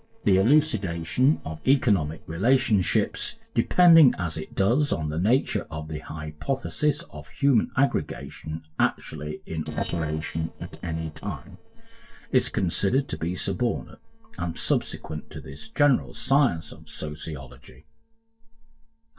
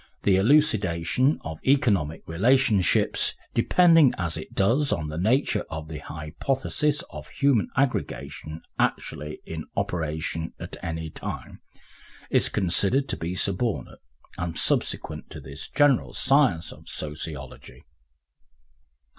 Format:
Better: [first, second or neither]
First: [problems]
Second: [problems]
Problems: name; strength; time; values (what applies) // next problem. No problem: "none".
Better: second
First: noise reduction (neural separator model SepFormer DNS4)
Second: none